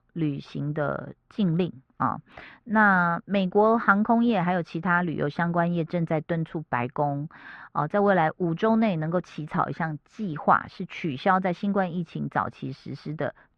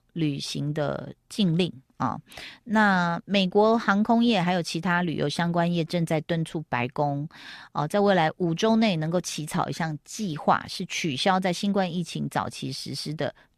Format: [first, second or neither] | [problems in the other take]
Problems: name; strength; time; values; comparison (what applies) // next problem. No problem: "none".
second | muffled; very; fading above 2 kHz